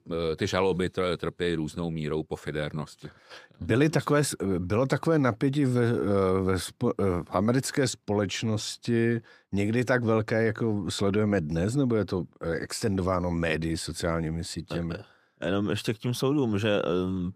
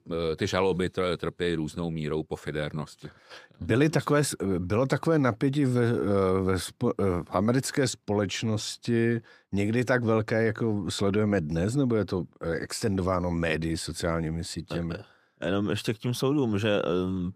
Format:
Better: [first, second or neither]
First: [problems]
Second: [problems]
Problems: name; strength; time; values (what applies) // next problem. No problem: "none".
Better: neither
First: none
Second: none